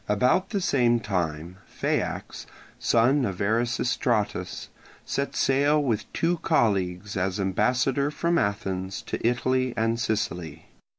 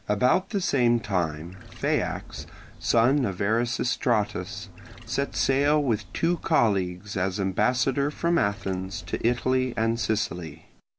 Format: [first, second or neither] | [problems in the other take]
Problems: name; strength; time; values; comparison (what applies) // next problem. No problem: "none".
first | background sound (Trickle, dribble / Chirp, tweet); 17 dB below the speech